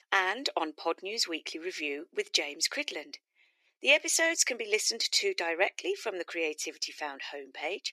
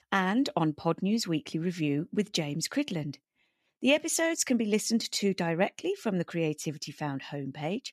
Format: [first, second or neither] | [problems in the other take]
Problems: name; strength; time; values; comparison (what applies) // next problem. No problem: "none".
second | thin; very; fading below 350 Hz